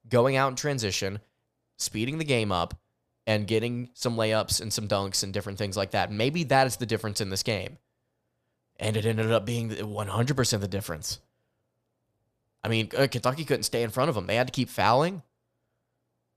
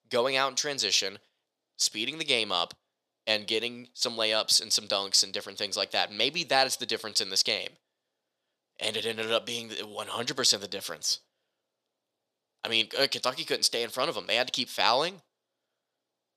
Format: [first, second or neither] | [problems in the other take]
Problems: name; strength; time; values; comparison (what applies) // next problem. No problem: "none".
first | thin; somewhat; fading below 300 Hz